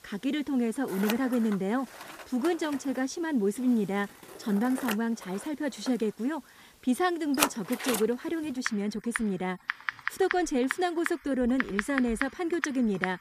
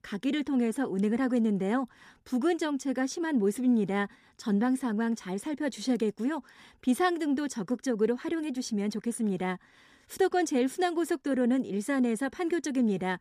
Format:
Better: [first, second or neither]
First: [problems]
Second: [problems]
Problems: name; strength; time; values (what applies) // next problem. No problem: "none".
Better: second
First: household noises; loud; throughout; 6 dB below the speech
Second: none